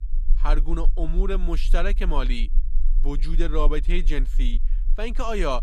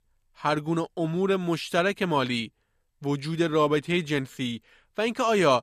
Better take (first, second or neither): second